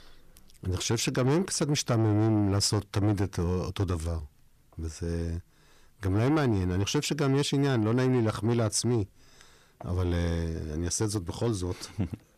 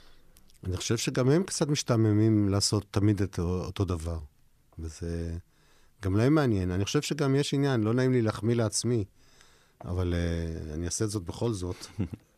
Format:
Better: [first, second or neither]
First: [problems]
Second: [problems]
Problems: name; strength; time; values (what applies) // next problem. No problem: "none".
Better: second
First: distortion; slight; 10 dB below the speech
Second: none